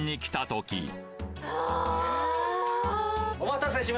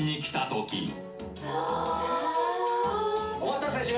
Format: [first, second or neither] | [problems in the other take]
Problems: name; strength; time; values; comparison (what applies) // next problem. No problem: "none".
first | room echo; dies away in 0.4 s